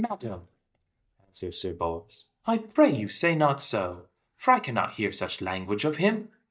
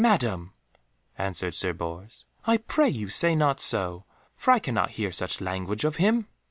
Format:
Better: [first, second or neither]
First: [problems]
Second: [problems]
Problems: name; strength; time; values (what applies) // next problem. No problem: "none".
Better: second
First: noise reduction (neural mask model DeepFilterNet 3)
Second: none